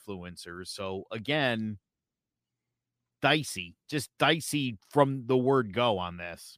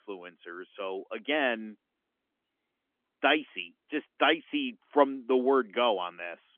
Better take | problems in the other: first | phone-call audio; nothing above 3.5 kHz

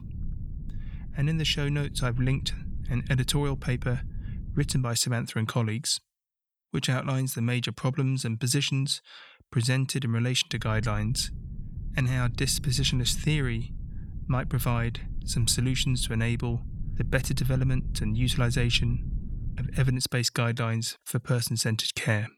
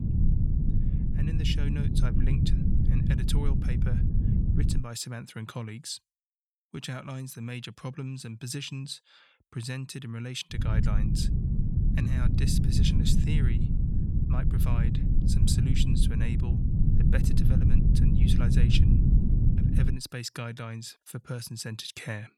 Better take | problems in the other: first | low rumble; loud; until 5 s and from 11 to 20 s; as loud as the speech; faint in the first

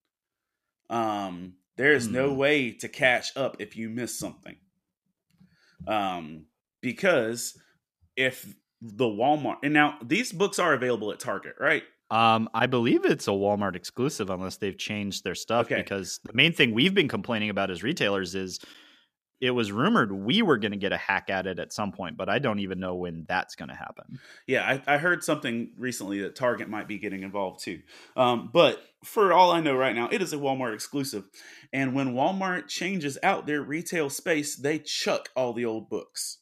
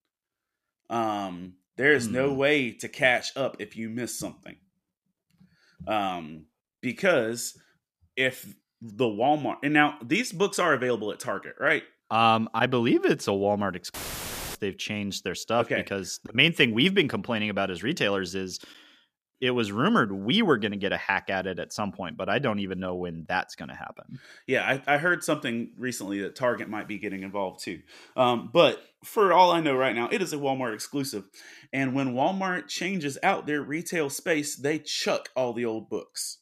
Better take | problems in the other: first | audio cutting out; filled with static; at 14 s for 0.5 s

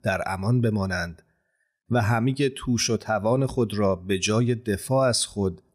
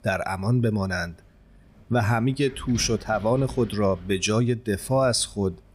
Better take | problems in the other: first | wind noise on the microphone; occasional gusts; 25 dB below the speech

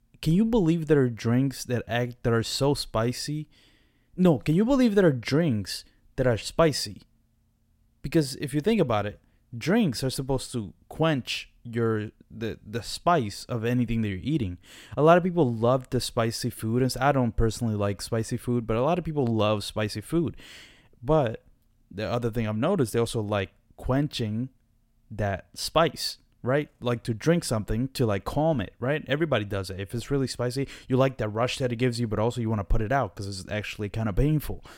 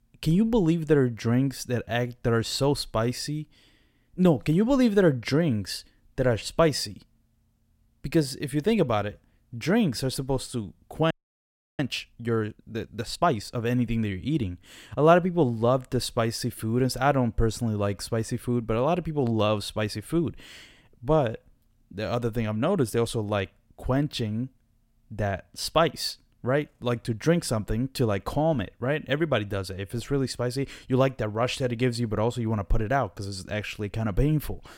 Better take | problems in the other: first | audio freezing; at 11 s for 0.5 s

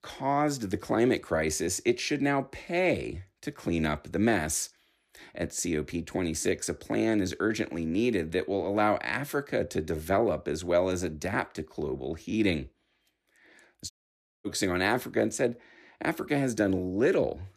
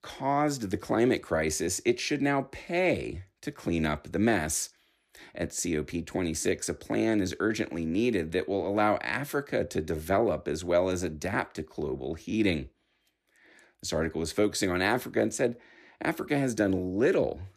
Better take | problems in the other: second | audio cutting out; at 14 s for 0.5 s

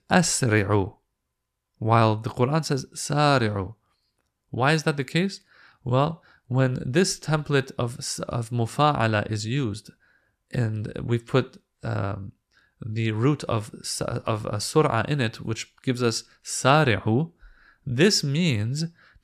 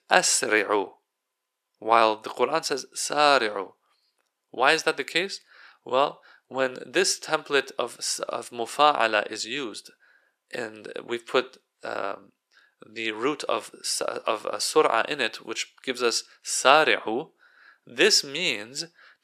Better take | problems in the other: first | thin; very; fading below 400 Hz

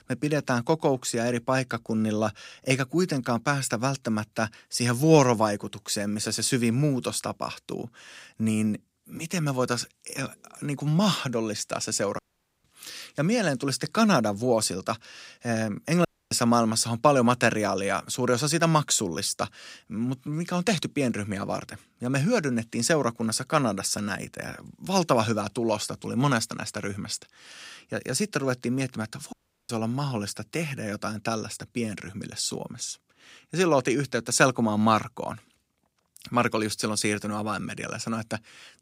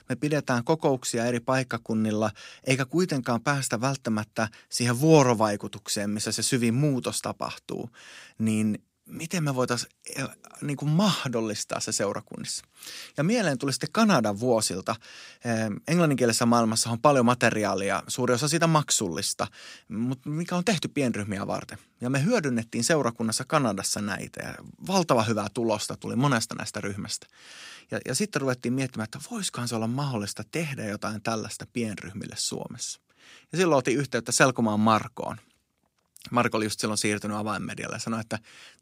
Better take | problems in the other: second | audio cutting out; at 12 s, at 16 s and at 29 s

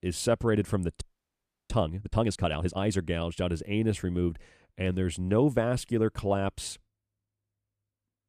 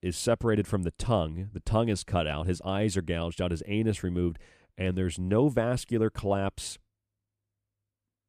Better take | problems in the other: second | audio freezing; at 1 s for 0.5 s

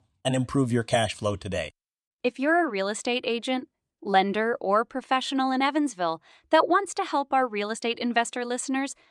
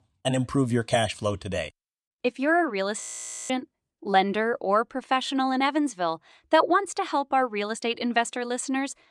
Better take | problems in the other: first | audio freezing; at 3 s

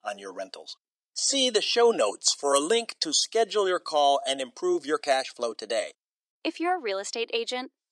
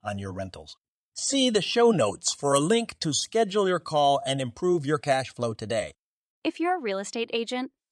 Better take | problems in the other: second | thin; somewhat; fading below 300 Hz

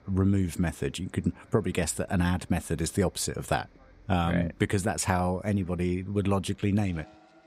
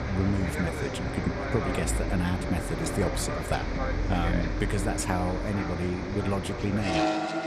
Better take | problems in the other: first | traffic noise; loud; throughout; as loud as the speech; faint in the first

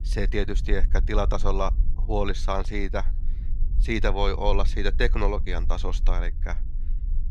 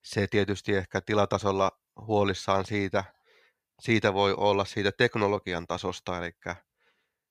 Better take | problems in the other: second | low rumble; faint; throughout; 20 dB below the speech

